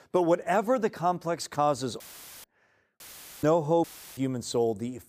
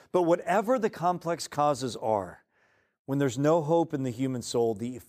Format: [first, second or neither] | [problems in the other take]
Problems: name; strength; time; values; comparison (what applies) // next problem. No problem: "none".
second | audio cutting out; filled with static; at 2 s, at 3 s and at 4 s